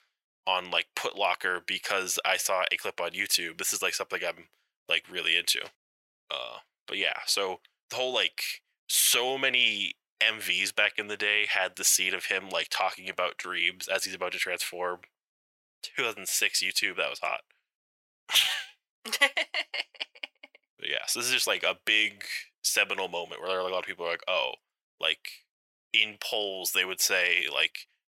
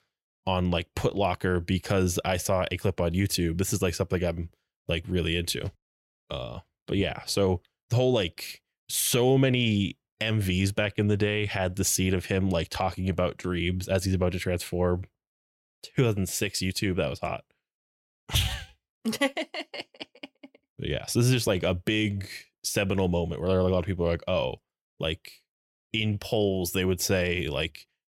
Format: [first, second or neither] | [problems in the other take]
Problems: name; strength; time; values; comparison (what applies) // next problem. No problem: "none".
second | thin; very; fading below 850 Hz